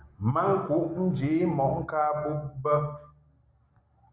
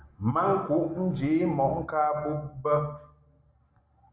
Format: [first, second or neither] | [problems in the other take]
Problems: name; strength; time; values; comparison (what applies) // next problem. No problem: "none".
first | room echo; dies away in 0.3 s